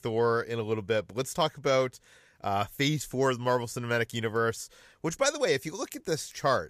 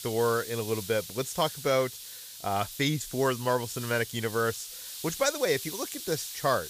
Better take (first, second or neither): first